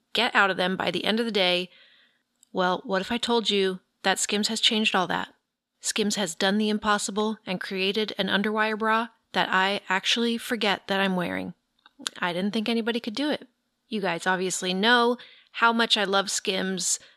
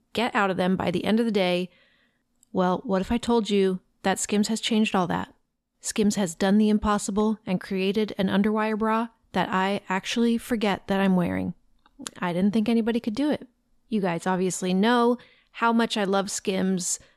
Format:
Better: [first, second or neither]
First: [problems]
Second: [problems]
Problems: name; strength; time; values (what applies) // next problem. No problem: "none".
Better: second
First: thin; very slightly; fading below 700 Hz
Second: none